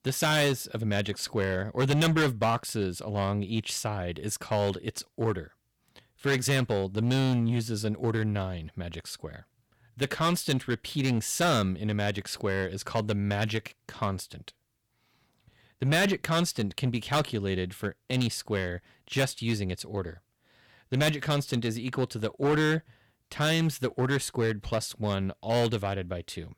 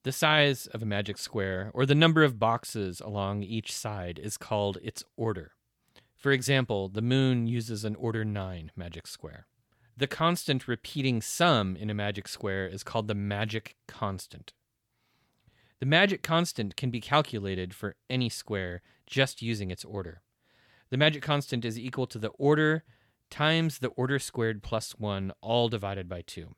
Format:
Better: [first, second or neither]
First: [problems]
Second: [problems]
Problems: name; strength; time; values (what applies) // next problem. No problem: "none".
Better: second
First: distortion; heavy; 6% of the sound clipped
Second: none